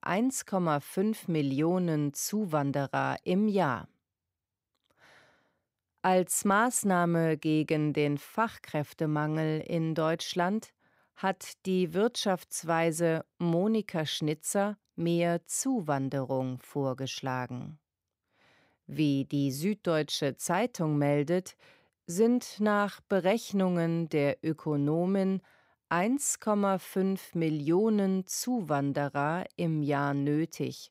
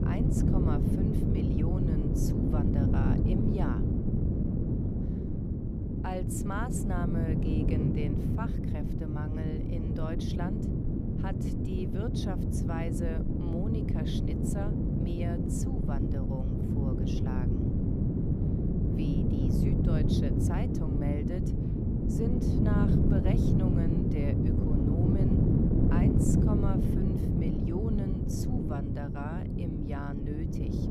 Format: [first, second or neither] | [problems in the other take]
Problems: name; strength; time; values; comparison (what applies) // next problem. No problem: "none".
first | wind noise on the microphone; heavy; 4 dB above the speech